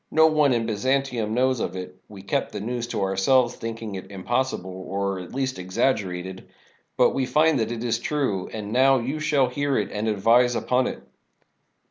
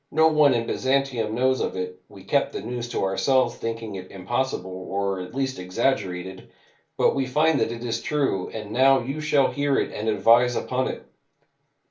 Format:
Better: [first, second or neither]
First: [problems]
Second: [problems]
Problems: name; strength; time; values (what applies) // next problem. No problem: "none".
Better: first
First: none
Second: room echo; dies away in 0.2 s